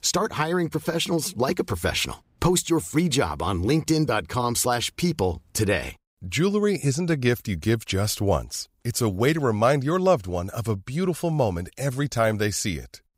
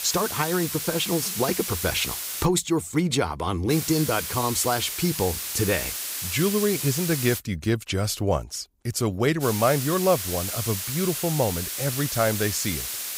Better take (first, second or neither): first